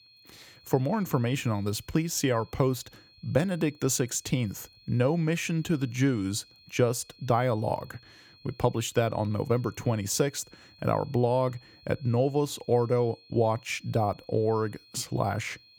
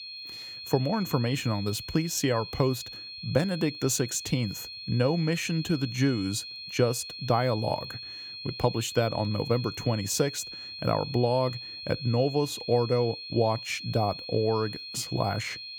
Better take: first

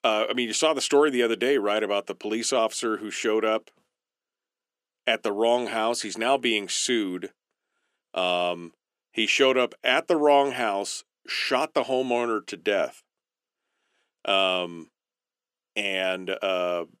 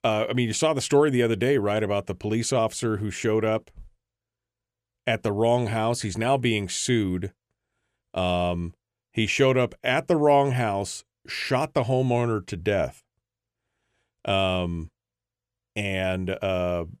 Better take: second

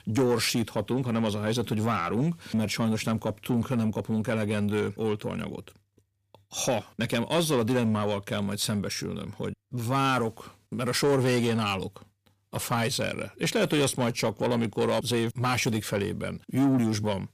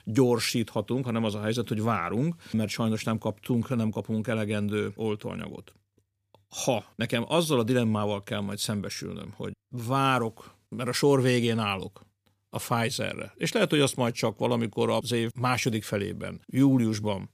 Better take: second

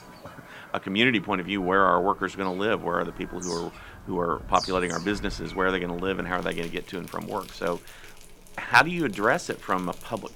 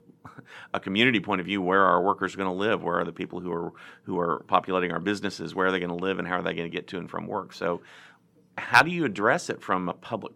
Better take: second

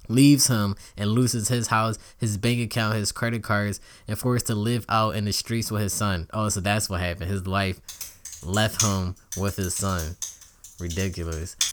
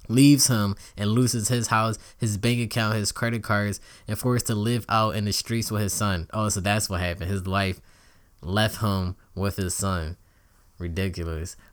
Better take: second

